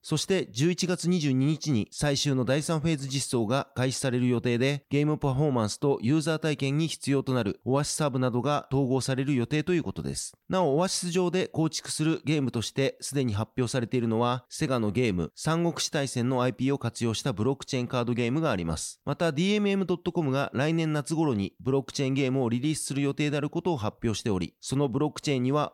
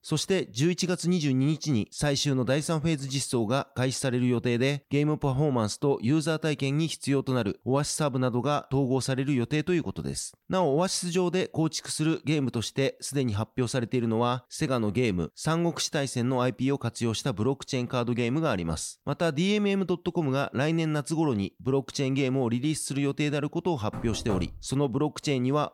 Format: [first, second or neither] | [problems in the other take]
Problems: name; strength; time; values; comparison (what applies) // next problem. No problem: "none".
first | door banging; noticeable; at 24 s; peak 9 dB below the speech